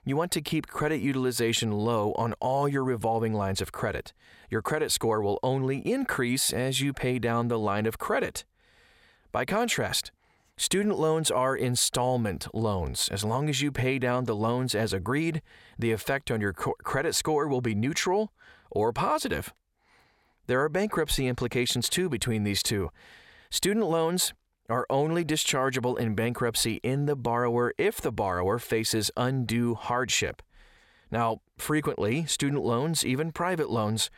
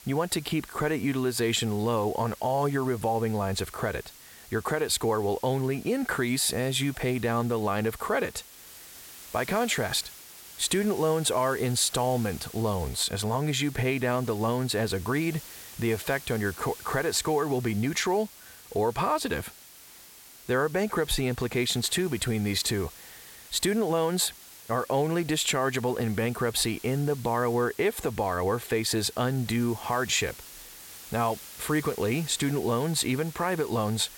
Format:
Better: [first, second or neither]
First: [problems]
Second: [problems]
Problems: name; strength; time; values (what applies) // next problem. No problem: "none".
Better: first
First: none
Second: hiss; noticeable; throughout; 15 dB below the speech